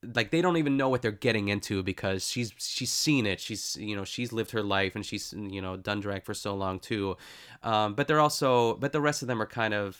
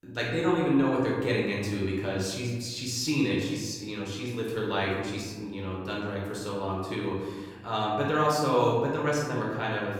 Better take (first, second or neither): first